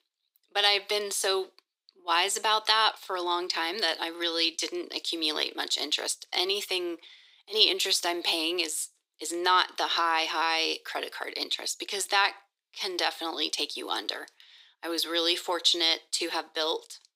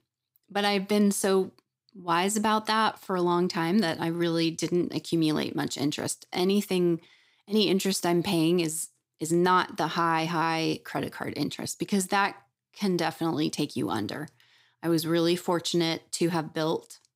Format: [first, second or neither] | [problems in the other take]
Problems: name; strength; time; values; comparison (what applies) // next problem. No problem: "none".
second | thin; very; fading below 400 Hz